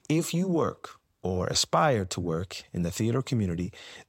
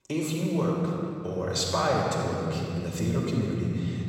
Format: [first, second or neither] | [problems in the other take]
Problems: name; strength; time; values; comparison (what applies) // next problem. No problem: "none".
first | off-mic speech; far // room echo; strong; dies away in 2.7 s